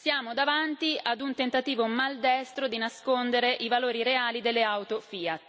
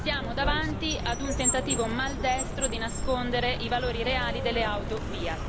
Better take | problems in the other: first | background sound (Car); 1 dB below the speech

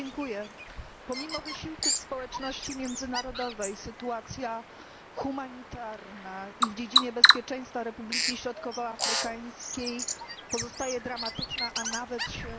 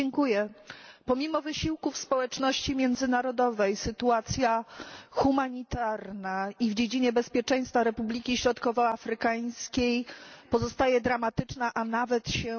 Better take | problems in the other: second | background sound (Bird vocalization, bird call, bird song); 5 dB above the speech

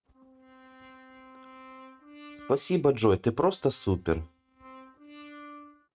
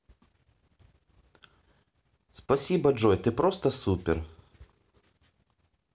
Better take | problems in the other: second | noise reduction (neural mask model RNNoise)

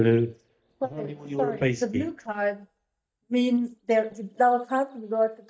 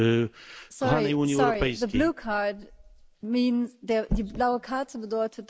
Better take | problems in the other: second | noise reduction (neural mask model DeepFilterNet 3)

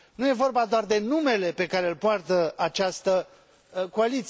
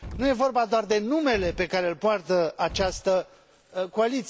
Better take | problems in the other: first | background sound (Explosion); 17 dB below the speech

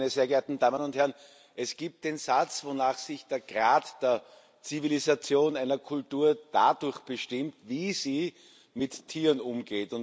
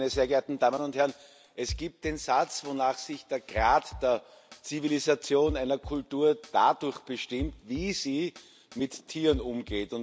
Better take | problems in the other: first | background sound (Drum kit); 15 dB below the speech

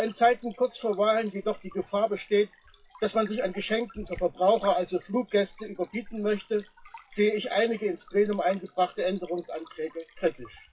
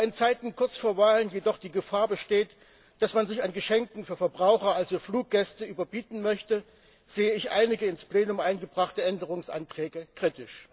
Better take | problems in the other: second | noise reduction (classical method WPE with log-MMSE)

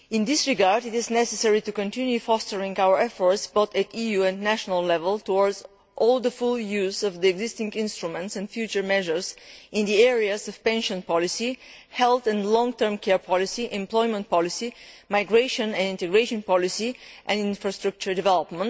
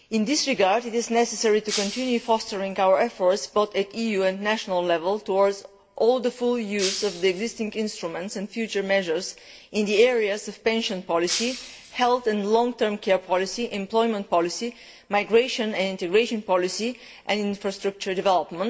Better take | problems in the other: first | background sound (Shatter); 10 dB below the speech // room echo; dies away in 0.5 s

